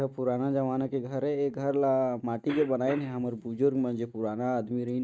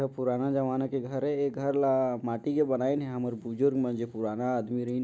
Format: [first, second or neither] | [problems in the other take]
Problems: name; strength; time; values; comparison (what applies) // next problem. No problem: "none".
second | noise reduction (neural mask model RNNoise)